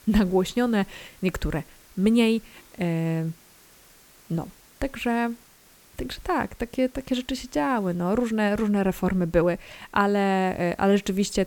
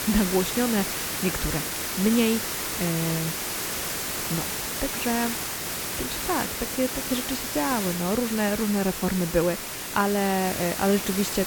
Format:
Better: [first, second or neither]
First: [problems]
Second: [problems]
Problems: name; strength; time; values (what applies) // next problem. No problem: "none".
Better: first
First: hiss; faint; throughout; 25 dB below the speech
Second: hiss; loud; throughout; 2 dB below the speech